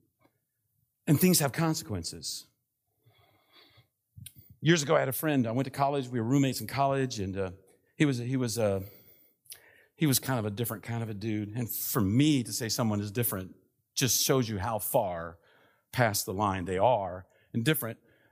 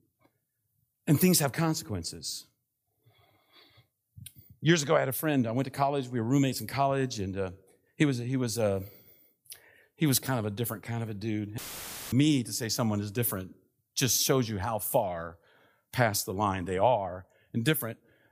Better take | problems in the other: first | audio cutting out; filled with static; at 12 s for 0.5 s

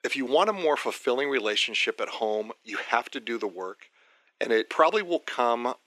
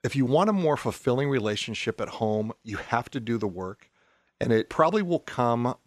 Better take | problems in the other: second | thin; somewhat; fading below 300 Hz

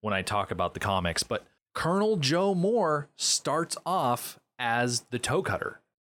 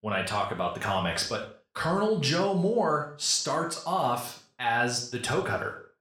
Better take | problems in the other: first | room echo; noticeable; dies away in 0.4 s // off-mic speech; somewhat distant

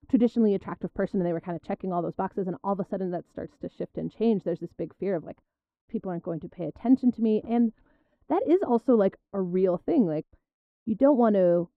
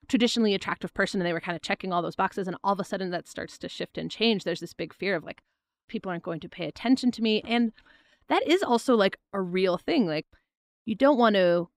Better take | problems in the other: second | muffled; very; fading above 1.5 kHz

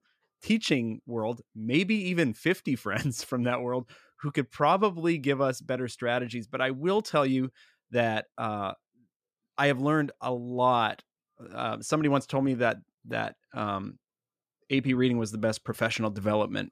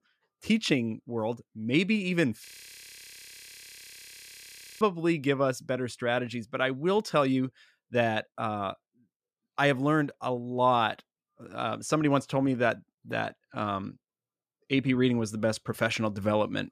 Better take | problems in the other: first | audio freezing; at 2.5 s for 2.5 s

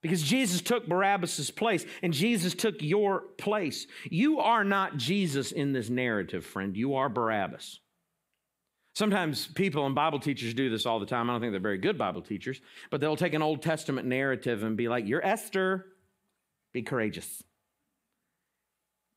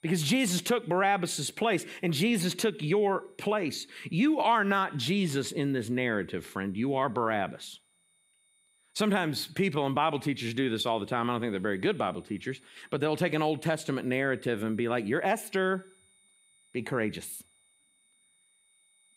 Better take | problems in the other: first | high-pitched whine; faint; throughout; 9 kHz, 35 dB below the speech

